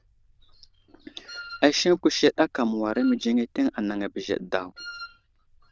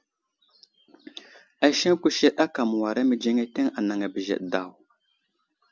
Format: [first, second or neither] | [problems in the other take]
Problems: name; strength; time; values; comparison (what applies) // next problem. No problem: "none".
second | noise reduction (neural diffusion model UNIVERSE++)